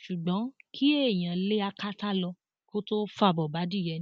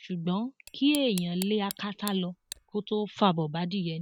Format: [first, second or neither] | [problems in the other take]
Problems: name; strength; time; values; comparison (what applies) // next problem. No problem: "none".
first | background sound (Tick); 16 dB below the speech